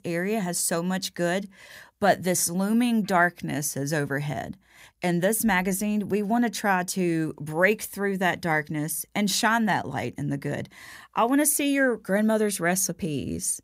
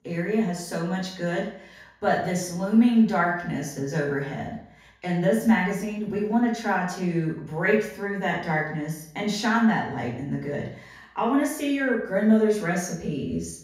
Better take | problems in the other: first | room echo; noticeable; dies away in 0.6 s // off-mic speech; far

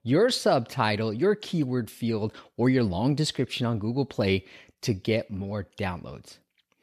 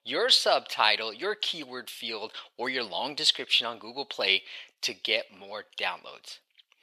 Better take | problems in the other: first | thin; very; fading below 750 Hz

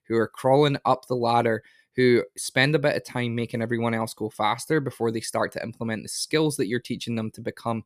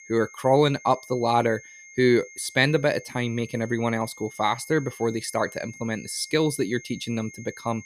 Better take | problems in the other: first | high-pitched whine; noticeable; throughout; 2 kHz, 20 dB below the speech

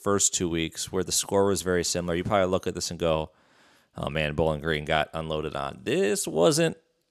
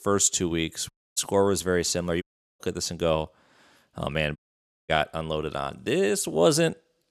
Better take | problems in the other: first | audio cutting out; at 1 s, at 2 s and at 4.5 s for 0.5 s

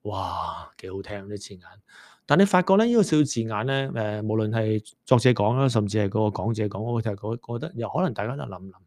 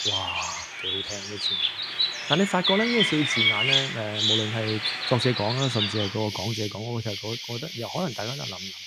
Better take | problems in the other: first | animal sounds; very loud; throughout; 3 dB above the speech

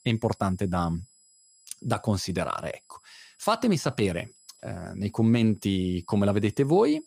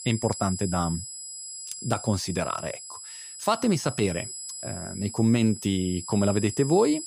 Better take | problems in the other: first | high-pitched whine; loud; throughout; 7.5 kHz, 10 dB below the speech; faint in the first

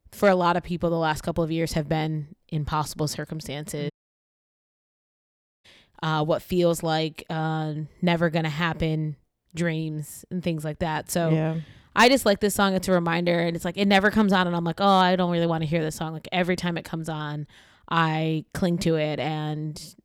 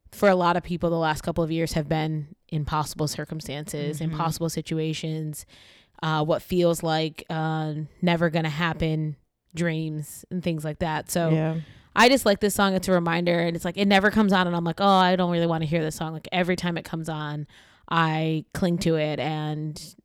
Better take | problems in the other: second | audio cutting out; at 4 s for 1.5 s

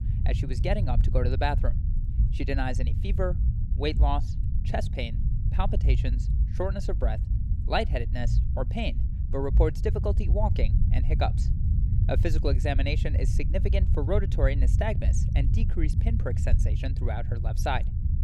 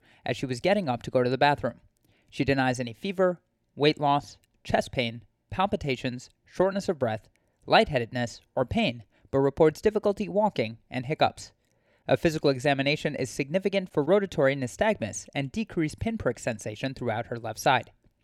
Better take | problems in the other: second | low rumble; noticeable; throughout; 10 dB below the speech

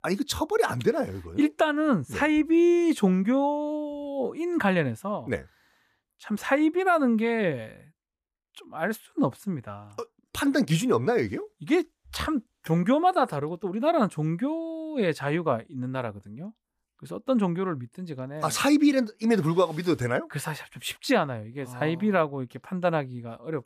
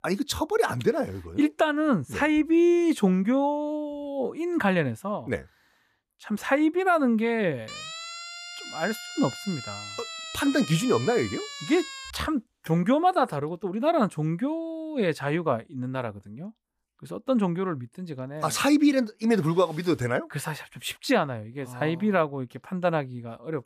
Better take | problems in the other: first | siren; noticeable; from 7.5 to 12 s; peak 9 dB below the speech

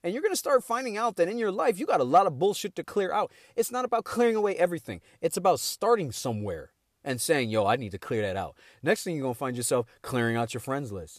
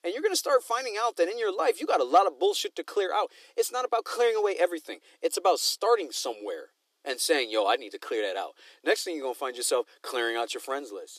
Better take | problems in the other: first | thin; very; fading below 300 Hz

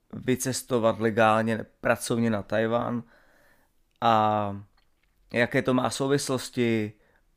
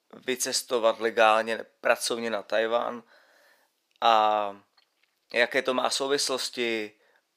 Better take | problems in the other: first | thin; somewhat; fading below 500 Hz

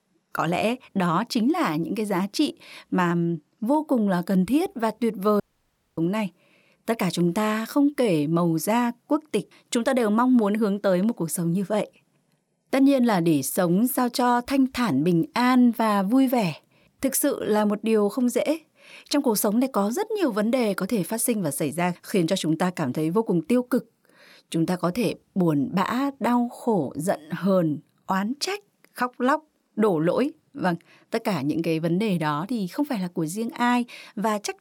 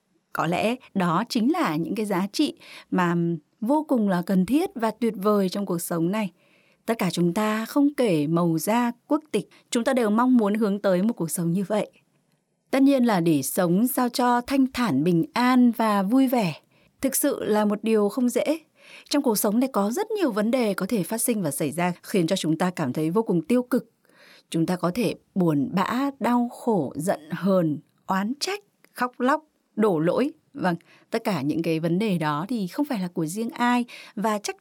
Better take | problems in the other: second | audio cutting out; at 5.5 s for 0.5 s

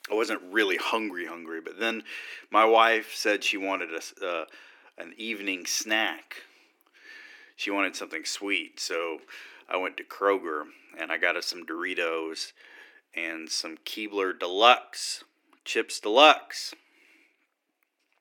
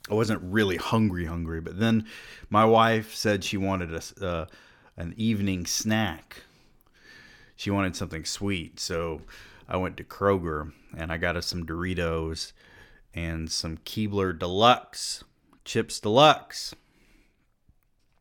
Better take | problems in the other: second | thin; somewhat; fading below 300 Hz

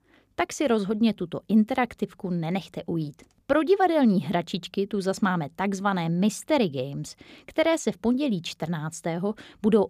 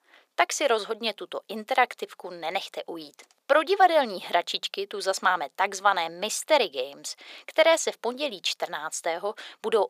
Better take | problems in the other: first | thin; very; fading below 550 Hz

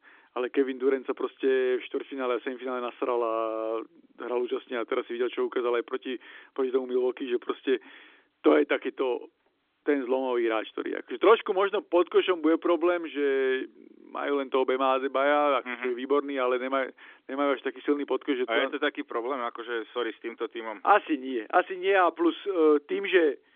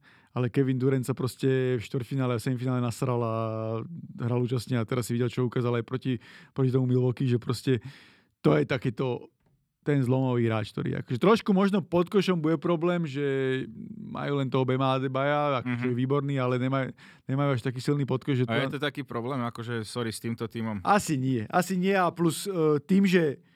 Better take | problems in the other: second | phone-call audio; nothing above 3.5 kHz

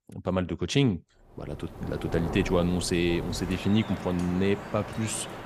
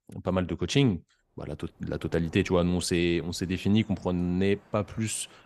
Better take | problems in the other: second | rain or running water; loud; from 1.5 s on; 10 dB below the speech; faint in the second

